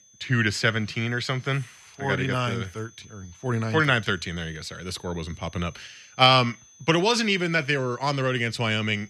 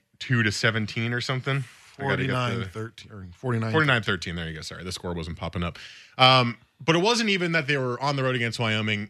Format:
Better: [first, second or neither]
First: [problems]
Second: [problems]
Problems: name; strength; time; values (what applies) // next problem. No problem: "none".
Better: second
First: high-pitched whine; faint; throughout; 6 kHz, 25 dB below the speech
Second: none